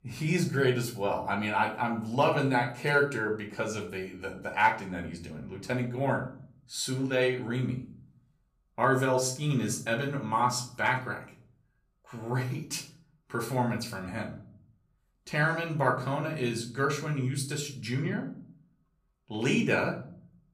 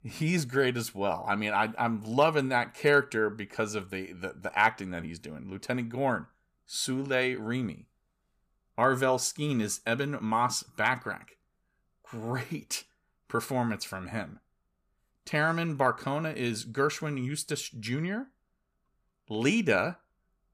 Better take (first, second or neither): second